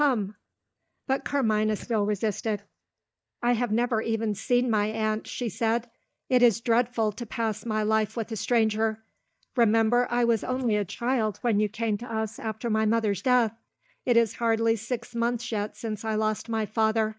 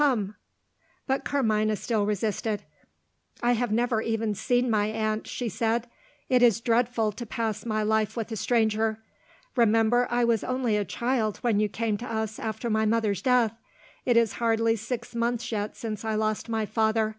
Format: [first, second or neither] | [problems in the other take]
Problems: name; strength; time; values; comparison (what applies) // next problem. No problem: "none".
second | noise reduction (neural mask model DeepFilterNet 3)